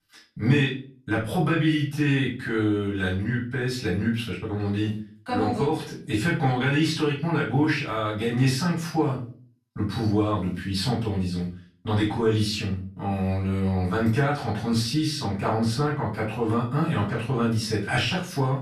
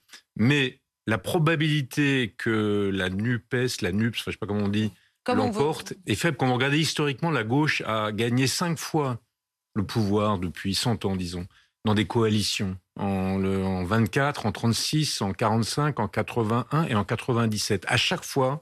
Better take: second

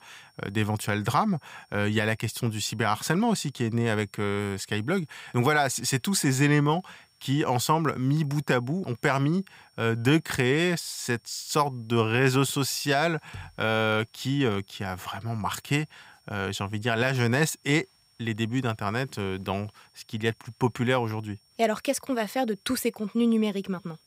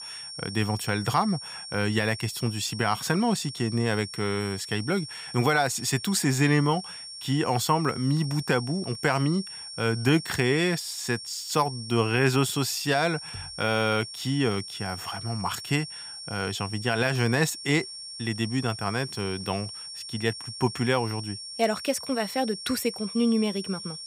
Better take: first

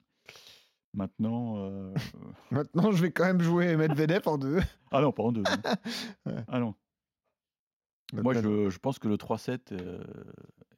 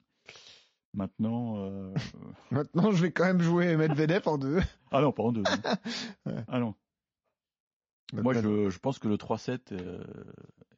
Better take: first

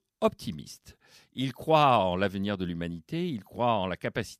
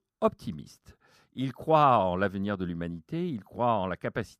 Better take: first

